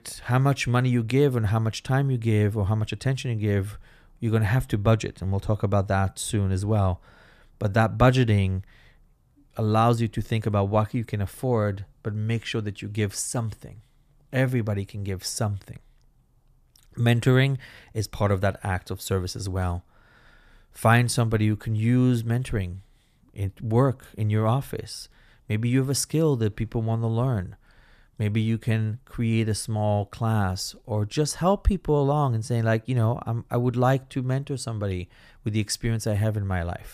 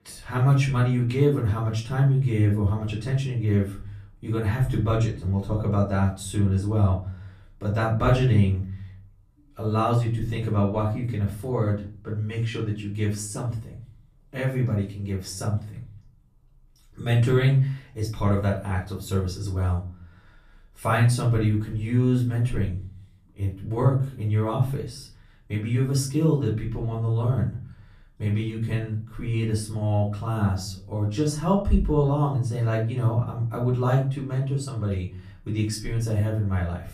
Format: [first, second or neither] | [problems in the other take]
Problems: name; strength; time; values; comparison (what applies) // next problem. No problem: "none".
first | off-mic speech; far // room echo; slight; dies away in 0.4 s